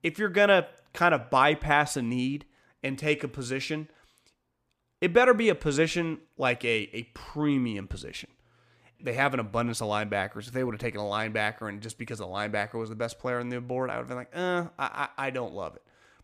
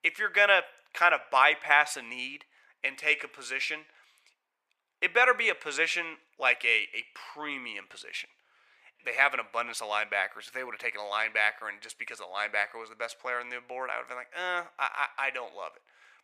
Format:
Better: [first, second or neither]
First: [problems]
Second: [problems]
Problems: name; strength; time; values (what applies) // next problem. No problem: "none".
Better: first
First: none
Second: thin; very; fading below 750 Hz